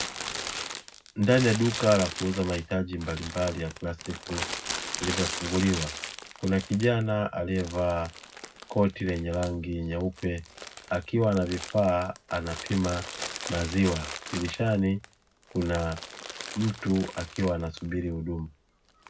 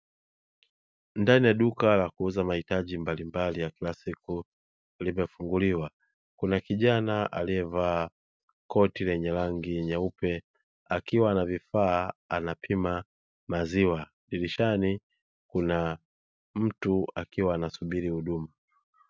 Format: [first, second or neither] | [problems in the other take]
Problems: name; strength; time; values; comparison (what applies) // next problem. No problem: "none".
second | background sound (Crumpling, crinkling); 10 dB below the speech // room echo; dies away in 0.4 s